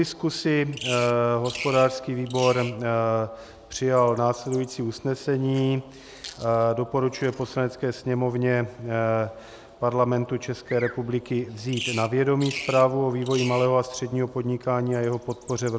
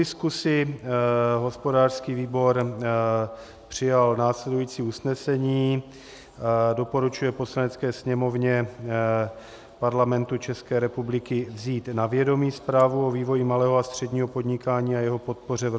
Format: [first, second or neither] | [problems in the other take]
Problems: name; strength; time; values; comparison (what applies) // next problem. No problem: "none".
second | background sound (Bird vocalization, bird call, bird song); 16 dB below the speech